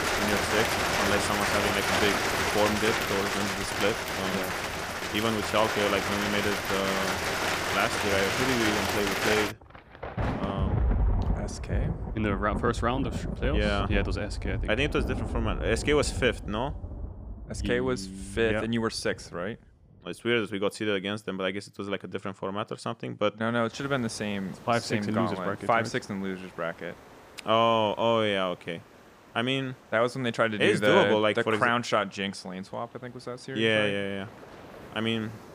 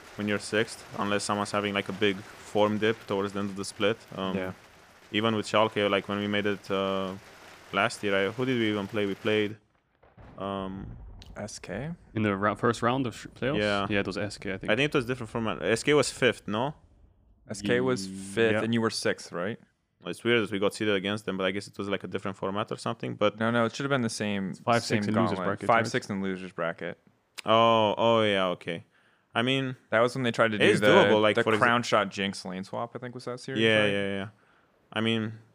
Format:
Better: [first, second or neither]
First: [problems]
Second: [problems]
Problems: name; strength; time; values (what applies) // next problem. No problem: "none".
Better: second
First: rain or running water; loud; throughout; 1 dB below the speech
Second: rain or running water; faint; throughout; 25 dB below the speech